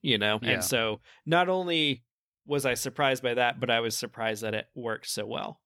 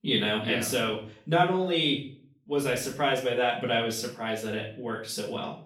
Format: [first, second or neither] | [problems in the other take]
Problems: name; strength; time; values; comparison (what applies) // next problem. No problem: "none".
first | room echo; slight; dies away in 0.4 s // off-mic speech; far